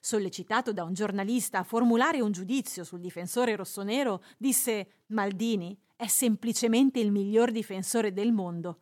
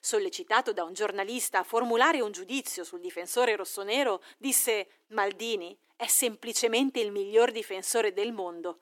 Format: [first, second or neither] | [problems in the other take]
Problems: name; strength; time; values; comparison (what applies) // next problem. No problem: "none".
first | thin; somewhat; fading below 300 Hz